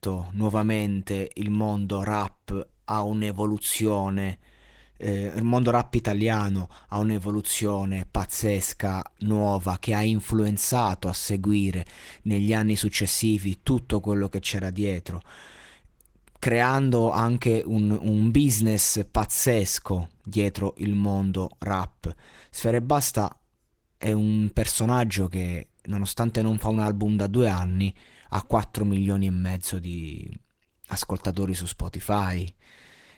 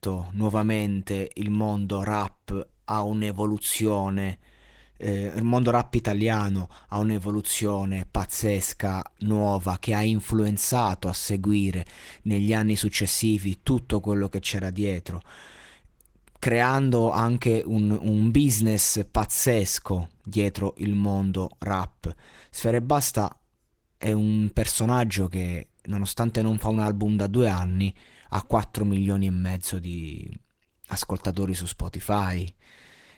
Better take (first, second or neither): neither